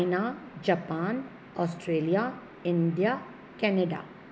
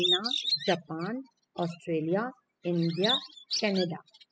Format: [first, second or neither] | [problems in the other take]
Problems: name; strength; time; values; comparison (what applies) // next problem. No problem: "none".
first | noise reduction (classical method spectral subtraction)